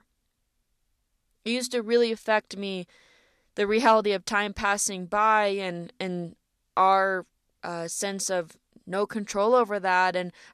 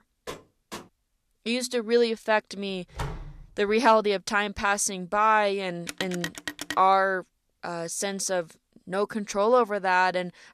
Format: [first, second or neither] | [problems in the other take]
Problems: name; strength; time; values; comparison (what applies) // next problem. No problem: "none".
first | door banging; faint; at 0.5 s and at 3 s; peak 10 dB below the speech // phone ringing; noticeable; at 6 s; peak 9 dB below the speech